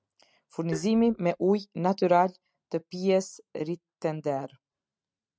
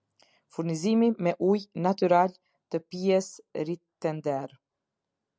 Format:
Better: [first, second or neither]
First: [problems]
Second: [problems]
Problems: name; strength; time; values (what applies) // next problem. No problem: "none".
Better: second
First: noise reduction (neural mask model RNNoise)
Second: none